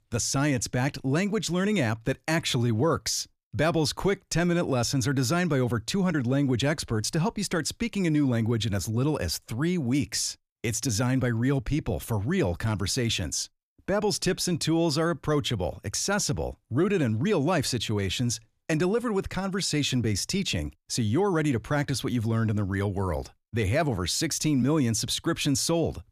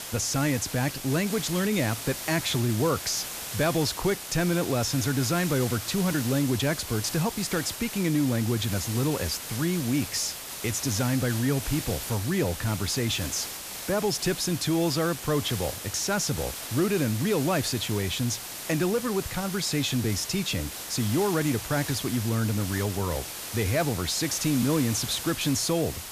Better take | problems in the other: first | hiss; loud; throughout; 7 dB below the speech

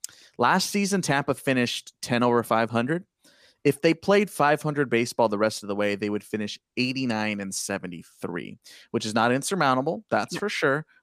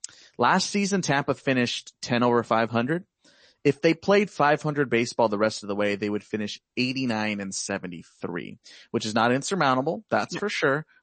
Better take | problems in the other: first | garbled, watery; slightly; nothing above 8 kHz

